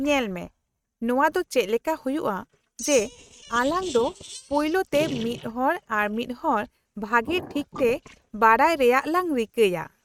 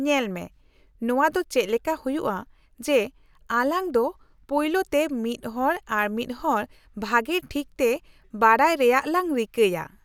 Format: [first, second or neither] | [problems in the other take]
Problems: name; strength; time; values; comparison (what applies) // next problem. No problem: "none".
second | noise reduction (neural mask model RNNoise)